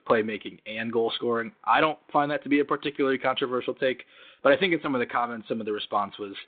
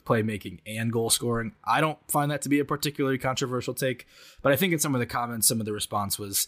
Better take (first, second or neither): second